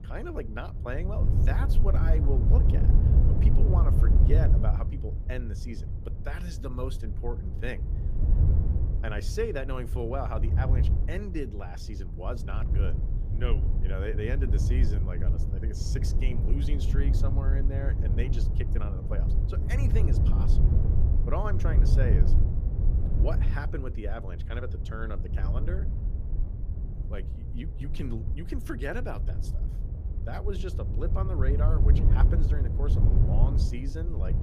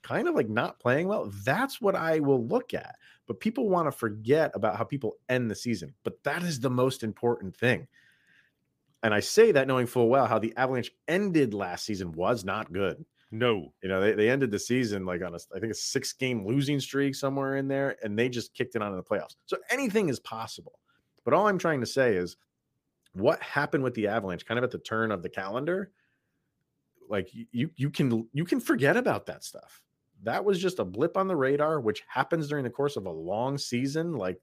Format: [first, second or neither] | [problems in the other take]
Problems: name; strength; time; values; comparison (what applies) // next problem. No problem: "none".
second | wind noise on the microphone; heavy; 4 dB below the speech